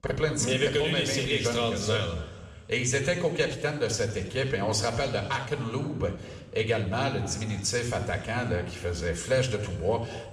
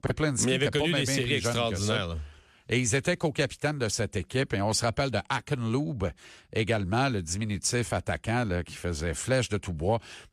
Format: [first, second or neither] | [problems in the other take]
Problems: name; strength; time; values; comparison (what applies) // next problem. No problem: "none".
second | room echo; slight; dies away in 1.6 s